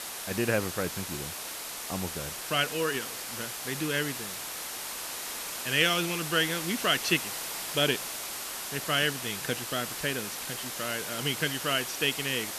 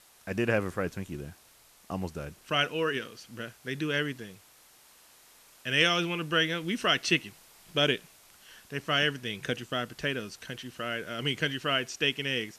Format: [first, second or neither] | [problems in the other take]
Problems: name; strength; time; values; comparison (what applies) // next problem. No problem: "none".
second | hiss; loud; throughout; 5 dB below the speech; faint in the second